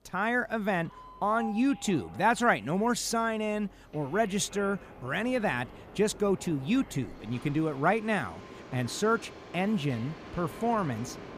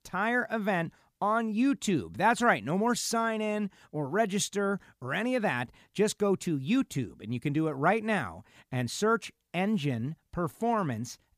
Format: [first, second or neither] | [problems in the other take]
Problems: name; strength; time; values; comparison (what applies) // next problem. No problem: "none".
second | train or aircraft noise; noticeable; throughout; 15 dB below the speech